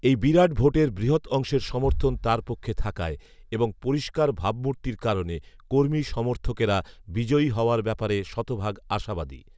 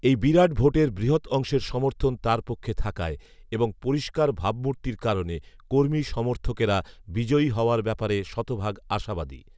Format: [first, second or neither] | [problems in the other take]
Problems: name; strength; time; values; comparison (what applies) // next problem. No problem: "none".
second | background sound (Bass drum); 14 dB below the speech